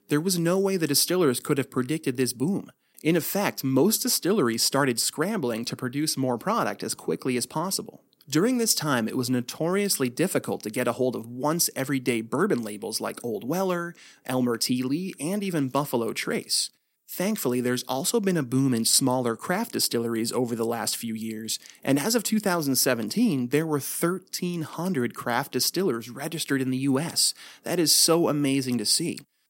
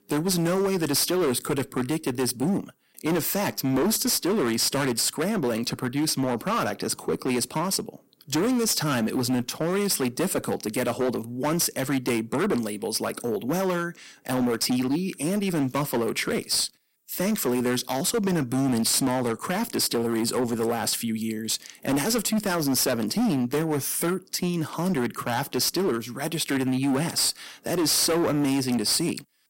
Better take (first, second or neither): first